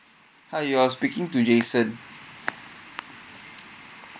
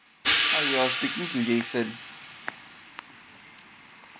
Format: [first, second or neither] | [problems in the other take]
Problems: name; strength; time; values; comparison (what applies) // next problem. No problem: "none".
first | background sound (Hi-hat); 1 dB above the speech